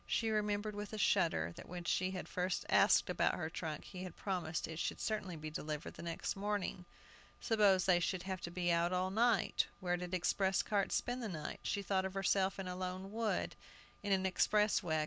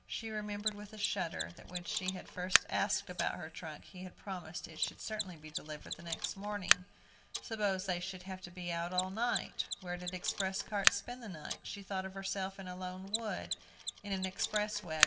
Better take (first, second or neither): first